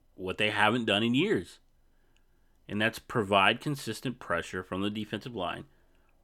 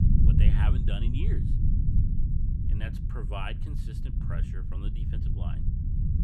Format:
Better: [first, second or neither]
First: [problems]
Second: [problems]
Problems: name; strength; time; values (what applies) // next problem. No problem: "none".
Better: first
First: none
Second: low rumble; loud; throughout; 1 dB below the speech